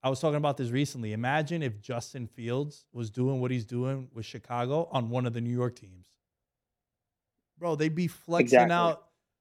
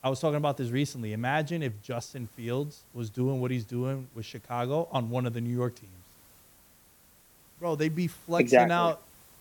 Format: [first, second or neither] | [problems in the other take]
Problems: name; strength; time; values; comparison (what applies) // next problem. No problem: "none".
first | hiss; faint; throughout; 25 dB below the speech